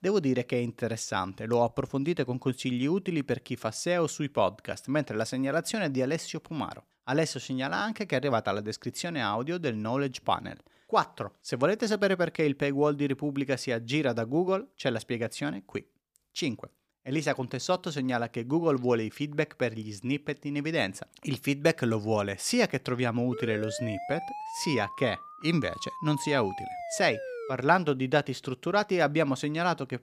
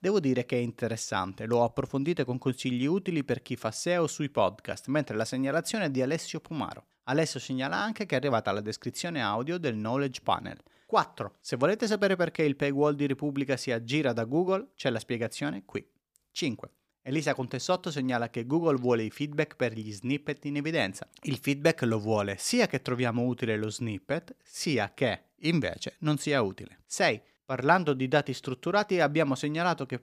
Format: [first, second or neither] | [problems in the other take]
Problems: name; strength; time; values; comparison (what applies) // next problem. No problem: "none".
second | siren; noticeable; from 23 to 28 s; peak 8 dB below the speech